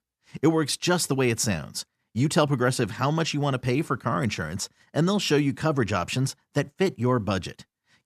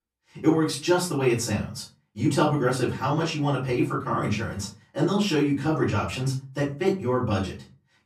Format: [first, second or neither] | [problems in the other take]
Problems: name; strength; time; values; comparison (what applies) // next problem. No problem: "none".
first | off-mic speech; far // room echo; slight; dies away in 0.3 s